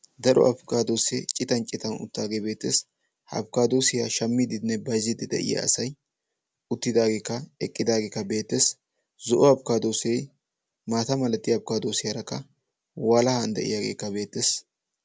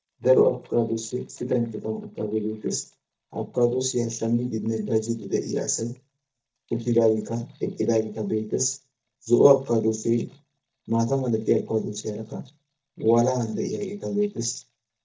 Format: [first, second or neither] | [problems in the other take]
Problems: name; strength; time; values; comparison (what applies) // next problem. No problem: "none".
first | noise reduction (neural mask model DeepFilterNet 3)